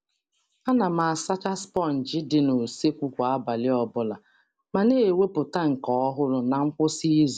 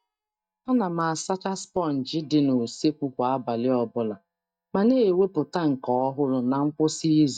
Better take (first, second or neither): first